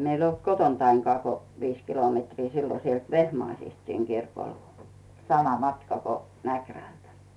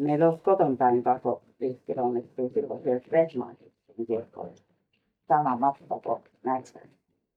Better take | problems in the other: first | noise reduction (neural mask model DeepFilterNet 3)

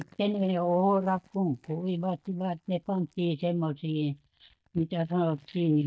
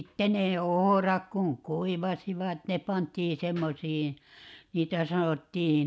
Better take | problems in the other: second | noise reduction (neural mask model DeepFilterNet 3)

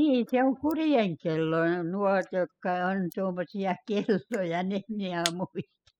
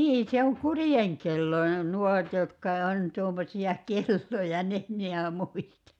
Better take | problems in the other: second | noise reduction (classical method spectral subtraction)

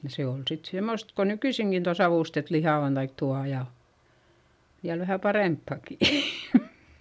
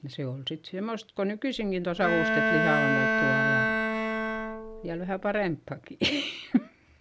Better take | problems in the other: first | background sound (Bowed string instrument); 3 dB above the speech

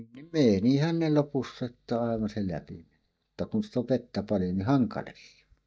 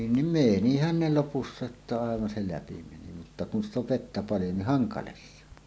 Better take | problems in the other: second | noise reduction (neural mask model DeepFilterNet 3)

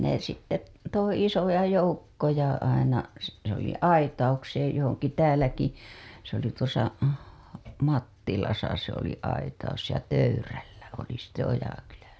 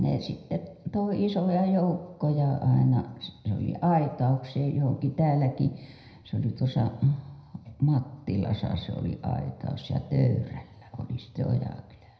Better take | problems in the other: first | room echo; dies away in 0.7 s

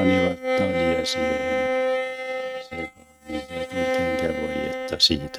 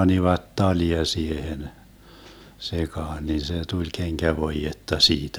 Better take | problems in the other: second | noise reduction (neural mask model RNNoise)

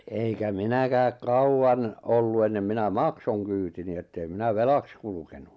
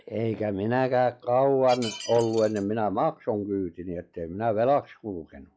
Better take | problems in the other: first | noise reduction (classical method log-MMSE)

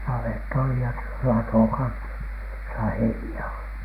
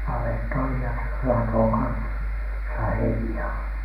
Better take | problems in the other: first | room echo; dies away in 0.8 s

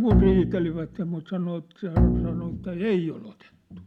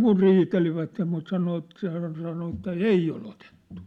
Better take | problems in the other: second | background sound (Bowed string instrument); 1 dB above the speech

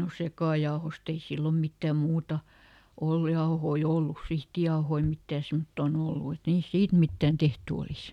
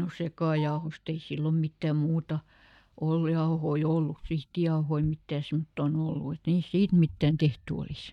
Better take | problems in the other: first | noise reduction (neural mask model DeepFilterNet 3)

